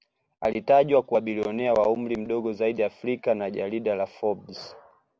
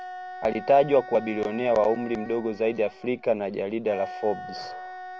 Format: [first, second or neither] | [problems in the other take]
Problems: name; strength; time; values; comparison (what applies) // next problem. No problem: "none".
first | background sound (Wind instrument, woodwind instrument); 14 dB below the speech